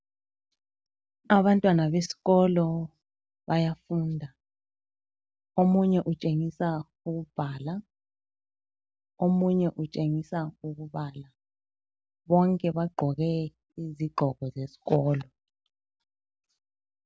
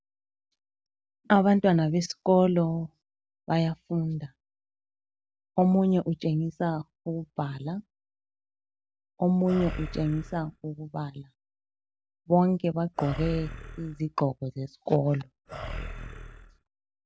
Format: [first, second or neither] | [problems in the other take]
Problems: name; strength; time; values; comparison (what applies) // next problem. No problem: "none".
first | background sound (Animal); 10 dB below the speech